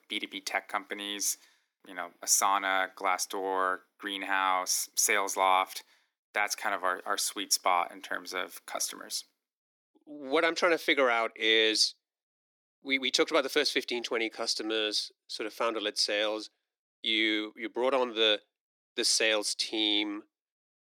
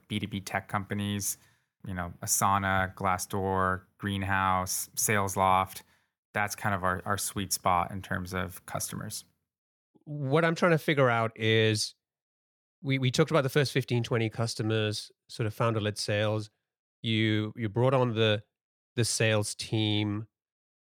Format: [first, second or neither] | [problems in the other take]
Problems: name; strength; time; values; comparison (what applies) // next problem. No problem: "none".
second | thin; somewhat; fading below 300 Hz